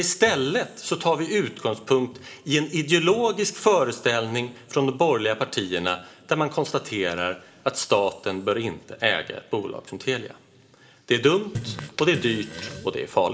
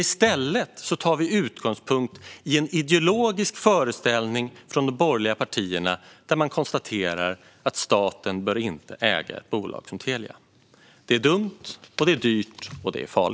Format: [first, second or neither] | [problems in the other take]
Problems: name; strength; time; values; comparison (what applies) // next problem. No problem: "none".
second | background sound (Fart); 12 dB below the speech // room echo; dies away in 2.2 s